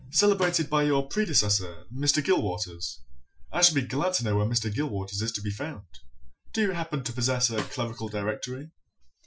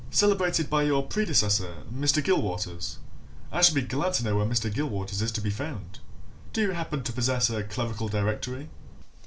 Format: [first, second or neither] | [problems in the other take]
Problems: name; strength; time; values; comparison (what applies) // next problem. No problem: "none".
second | noise reduction (classical method Wiener filter)